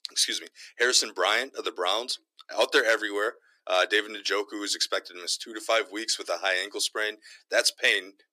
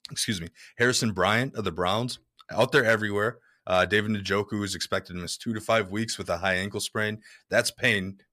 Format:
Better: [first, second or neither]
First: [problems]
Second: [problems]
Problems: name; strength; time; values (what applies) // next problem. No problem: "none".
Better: second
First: thin; very; fading below 300 Hz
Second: none